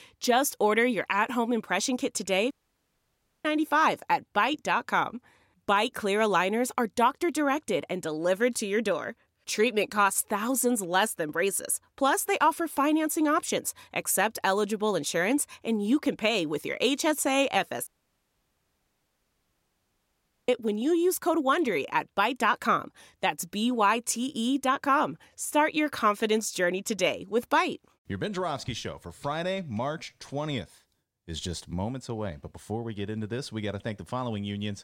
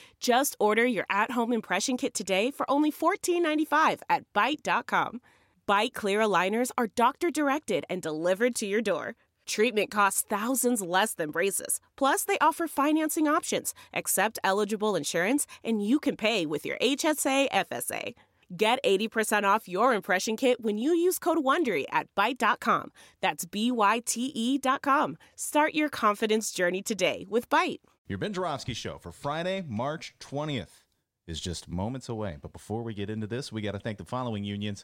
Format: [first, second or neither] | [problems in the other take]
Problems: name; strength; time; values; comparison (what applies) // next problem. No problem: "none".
second | audio cutting out; at 2.5 s for 1 s and at 18 s for 2.5 s